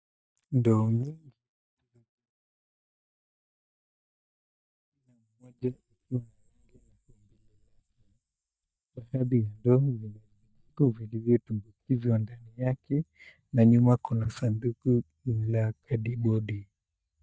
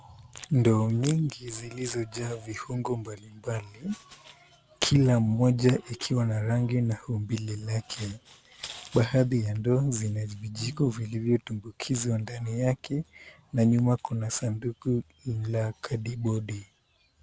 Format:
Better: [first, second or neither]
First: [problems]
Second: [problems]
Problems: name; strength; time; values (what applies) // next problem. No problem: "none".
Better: second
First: noise reduction (neural mask model DeepFilterNet 3)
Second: none